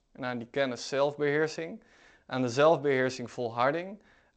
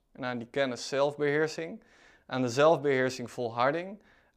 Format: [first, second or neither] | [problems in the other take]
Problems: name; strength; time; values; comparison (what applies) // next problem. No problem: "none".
second | garbled, watery; slightly; nothing above 7.5 kHz